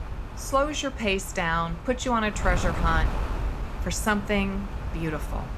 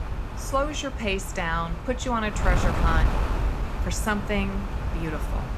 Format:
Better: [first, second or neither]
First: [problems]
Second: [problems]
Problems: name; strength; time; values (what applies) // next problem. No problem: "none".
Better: first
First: wind noise on the microphone; occasional gusts; 10 dB below the speech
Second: wind noise on the microphone; heavy; 7 dB below the speech